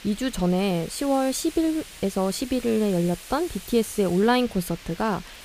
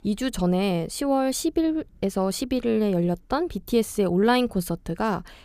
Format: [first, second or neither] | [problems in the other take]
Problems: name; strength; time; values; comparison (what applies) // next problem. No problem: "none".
second | hiss; noticeable; throughout; 15 dB below the speech